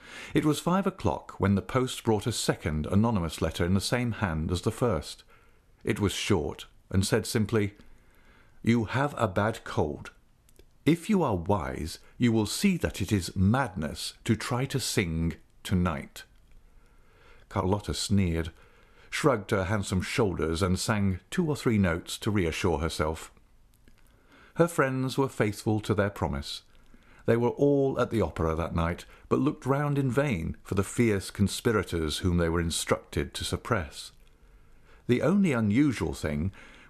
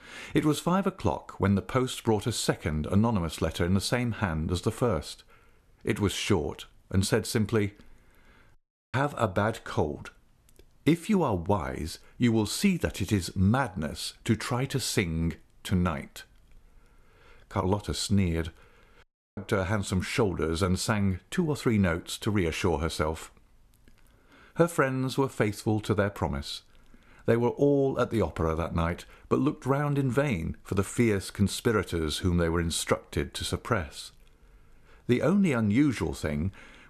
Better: first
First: none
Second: audio cutting out; at 8.5 s and at 19 s

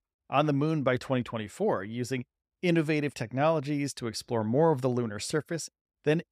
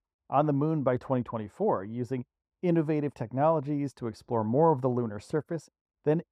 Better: first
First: none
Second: muffled; very; fading above 1.5 kHz

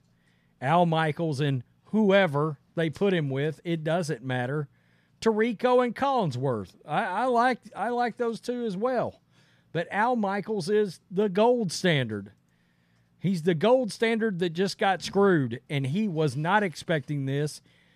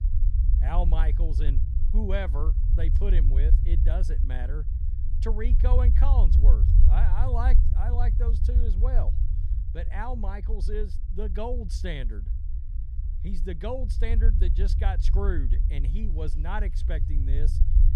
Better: first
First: none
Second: low rumble; loud; throughout; 8 dB below the speech

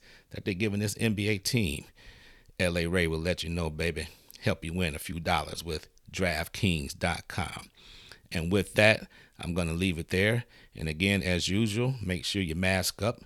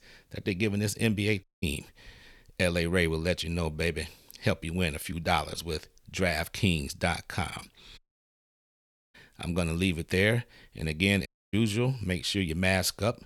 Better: first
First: none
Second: audio cutting out; at 1.5 s, at 8 s for 1 s and at 11 s

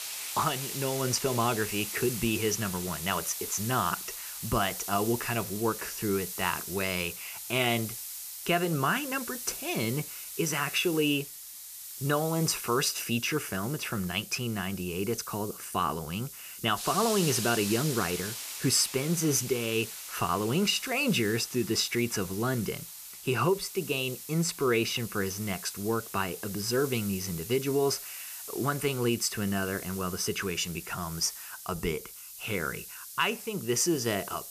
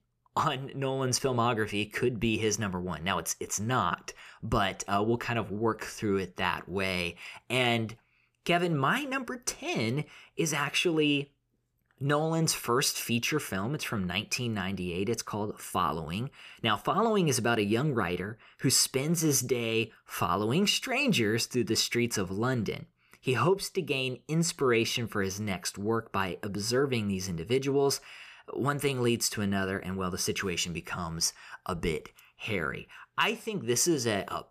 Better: second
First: hiss; loud; throughout; 8 dB below the speech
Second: none

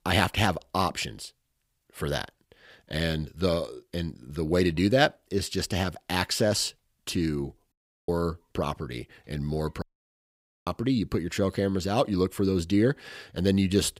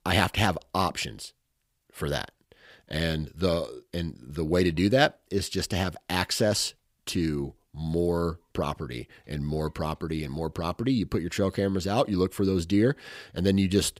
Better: second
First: audio cutting out; at 7.5 s and at 10 s for 1 s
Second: none

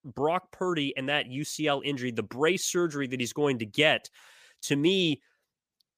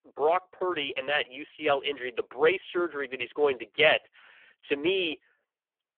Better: first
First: none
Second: phone-call audio; poor line; nothing above 3.5 kHz

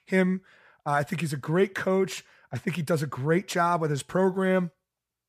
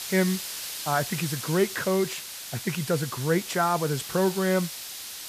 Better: first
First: none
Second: hiss; loud; throughout; 7 dB below the speech

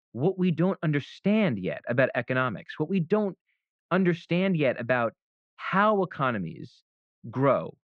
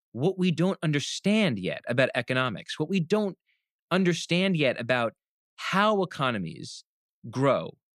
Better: second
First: muffled; very; fading above 1.5 kHz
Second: none

